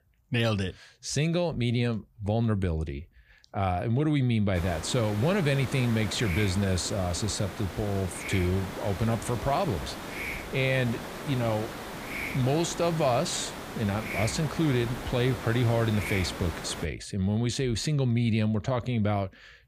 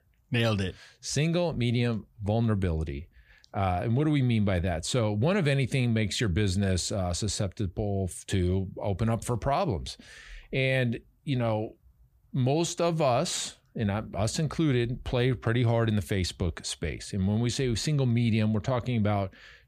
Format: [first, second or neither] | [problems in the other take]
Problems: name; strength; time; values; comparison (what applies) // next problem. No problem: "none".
second | hiss; loud; from 4.5 to 17 s; 9 dB below the speech